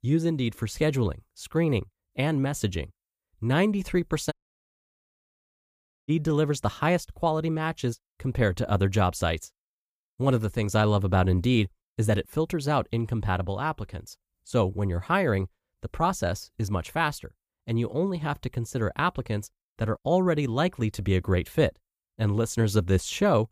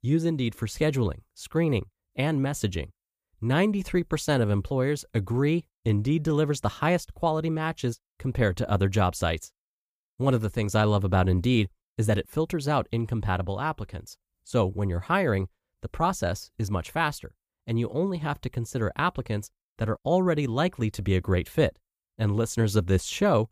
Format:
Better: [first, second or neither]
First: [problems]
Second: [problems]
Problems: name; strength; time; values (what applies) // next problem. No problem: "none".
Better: second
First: audio cutting out; at 4.5 s for 2 s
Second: none